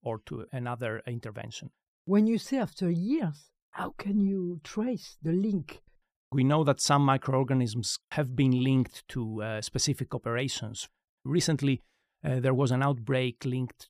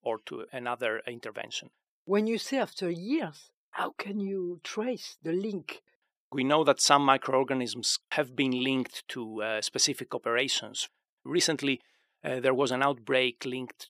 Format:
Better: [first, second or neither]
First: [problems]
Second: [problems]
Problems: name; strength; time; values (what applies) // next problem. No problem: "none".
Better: first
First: none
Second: thin; somewhat; fading below 400 Hz